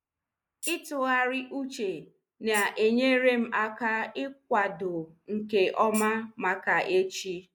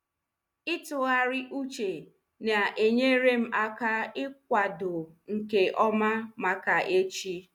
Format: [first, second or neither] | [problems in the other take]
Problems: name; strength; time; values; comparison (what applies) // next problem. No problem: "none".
second | noise reduction (neural mask model Resemble Enhance denoiser)